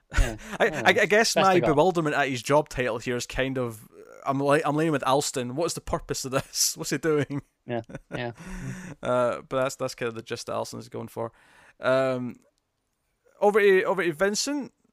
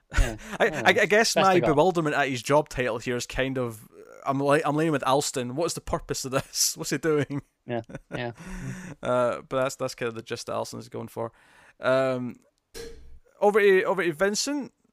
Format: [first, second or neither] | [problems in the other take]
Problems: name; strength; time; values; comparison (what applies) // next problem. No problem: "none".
first | clattering dishes; faint; at 13 s; peak 15 dB below the speech